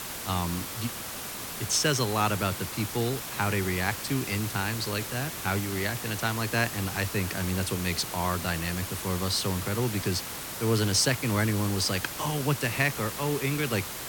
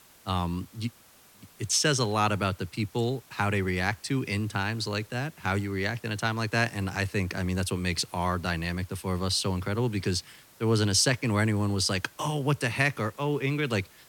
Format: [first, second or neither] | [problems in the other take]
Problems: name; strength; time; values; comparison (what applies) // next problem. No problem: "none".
second | hiss; loud; throughout; 6 dB below the speech; faint in the second